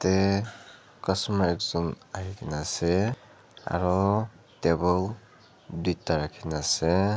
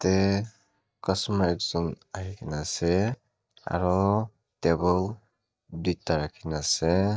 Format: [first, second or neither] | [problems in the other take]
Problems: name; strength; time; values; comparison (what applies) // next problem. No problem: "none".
first | noise reduction (neural mask model DeepFilterNet 3)